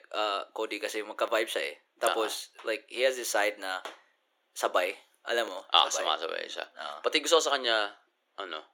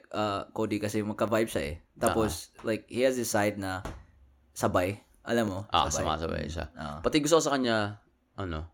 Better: second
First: thin; very; fading below 400 Hz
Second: none

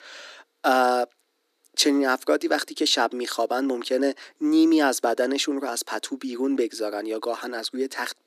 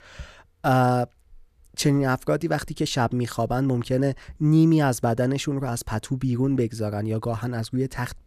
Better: second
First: thin; somewhat; fading below 300 Hz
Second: none

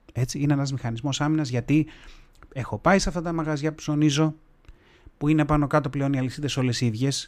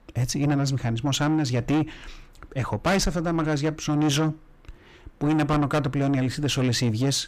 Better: first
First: none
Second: distortion; heavy; 8 dB below the speech

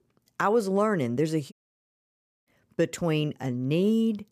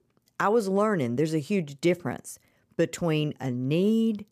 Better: second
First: audio cutting out; at 1.5 s for 1 s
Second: none

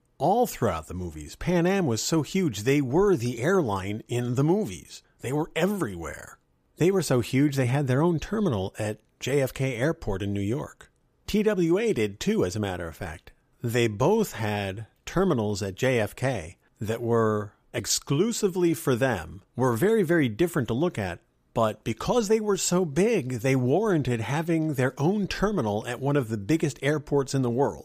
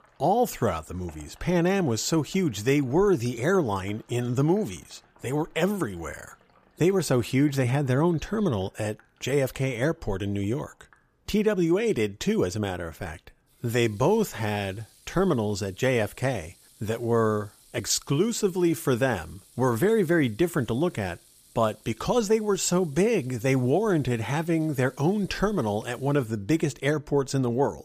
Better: first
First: none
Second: household noises; faint; throughout; 30 dB below the speech

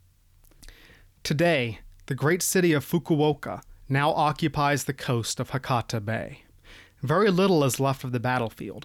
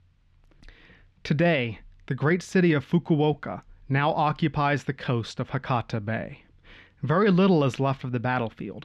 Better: first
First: none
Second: muffled; slightly; fading above 3 kHz

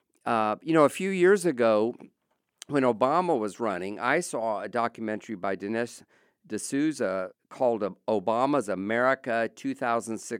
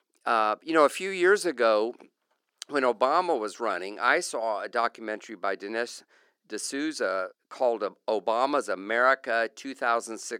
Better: first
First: none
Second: thin; somewhat; fading below 400 Hz

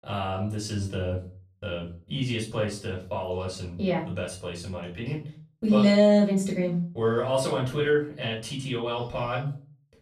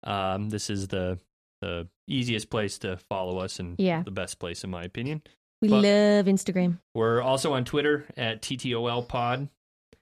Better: second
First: off-mic speech; far // room echo; slight; dies away in 0.3 s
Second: none

